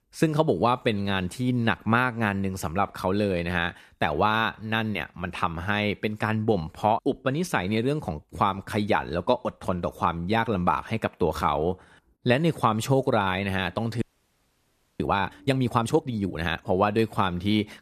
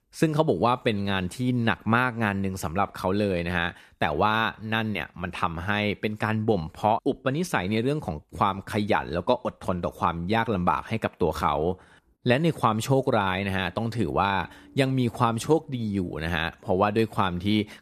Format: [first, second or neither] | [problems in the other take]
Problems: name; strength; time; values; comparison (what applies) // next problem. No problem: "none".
second | audio freezing; at 14 s for 1 s